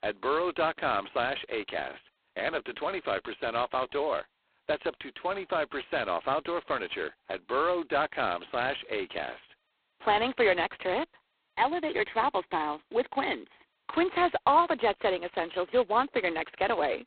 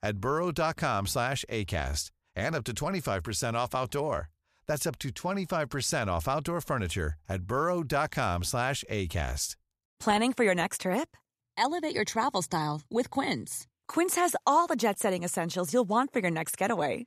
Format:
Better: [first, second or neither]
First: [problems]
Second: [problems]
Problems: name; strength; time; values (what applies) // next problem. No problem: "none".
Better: second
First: phone-call audio; poor line; nothing above 4 kHz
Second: none